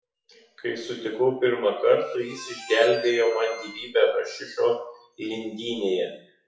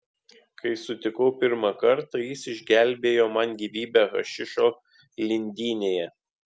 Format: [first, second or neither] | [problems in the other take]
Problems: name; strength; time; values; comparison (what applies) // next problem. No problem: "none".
second | noise reduction (classical method WPE with log-MMSE)